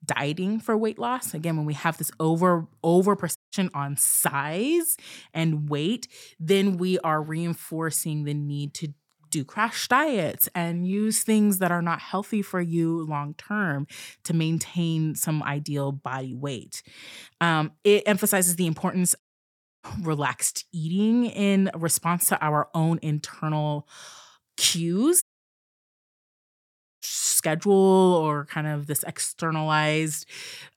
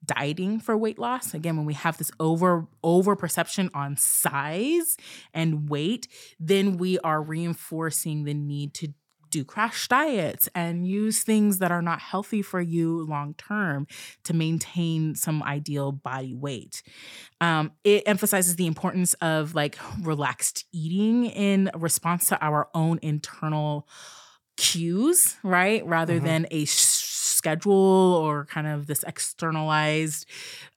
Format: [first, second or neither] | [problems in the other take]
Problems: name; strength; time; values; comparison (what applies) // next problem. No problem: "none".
second | audio cutting out; at 3.5 s, at 19 s for 0.5 s and at 25 s for 2 s